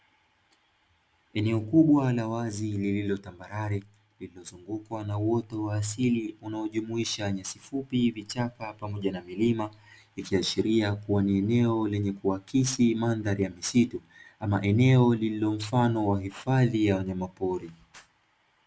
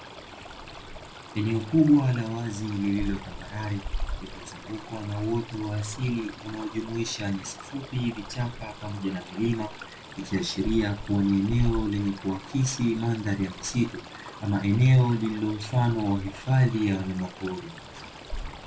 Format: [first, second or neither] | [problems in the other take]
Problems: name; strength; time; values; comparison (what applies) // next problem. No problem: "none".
first | background sound (Stream); 11 dB below the speech // room echo; dies away in 0.2 s